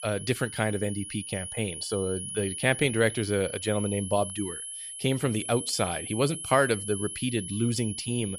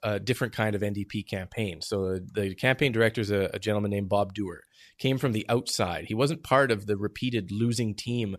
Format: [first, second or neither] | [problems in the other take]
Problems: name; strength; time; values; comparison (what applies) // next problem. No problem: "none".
second | high-pitched whine; loud; throughout; 10.5 kHz, 7 dB below the speech